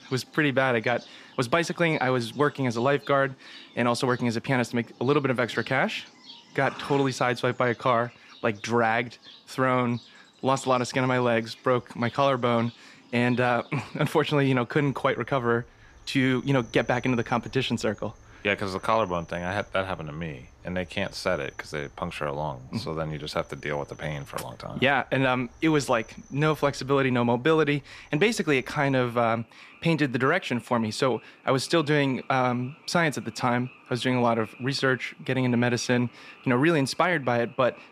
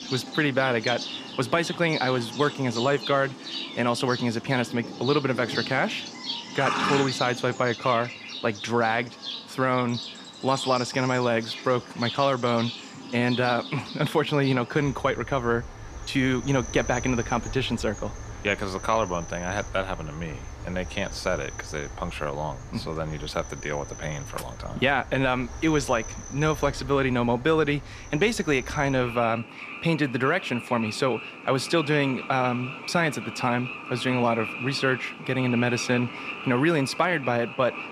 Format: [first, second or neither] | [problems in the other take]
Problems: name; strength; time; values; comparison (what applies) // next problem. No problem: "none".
first | animal sounds; loud; throughout; 10 dB below the speech; faint in the first